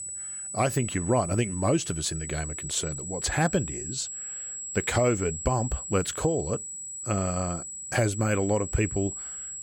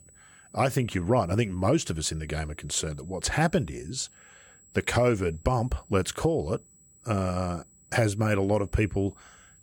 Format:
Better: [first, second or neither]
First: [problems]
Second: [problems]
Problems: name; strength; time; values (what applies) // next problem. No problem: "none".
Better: second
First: high-pitched whine; loud; throughout; 8 kHz, 6 dB below the speech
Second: high-pitched whine; faint; throughout; 8 kHz, 25 dB below the speech